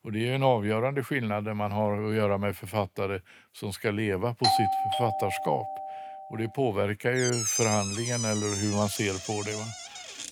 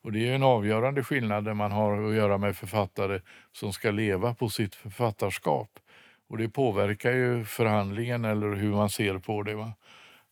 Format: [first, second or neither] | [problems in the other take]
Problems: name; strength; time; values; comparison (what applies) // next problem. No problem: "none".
second | doorbell; loud; from 4.5 to 6 s; peak 5 dB above the speech // door banging; loud; from 7 s on; peak 3 dB above the speech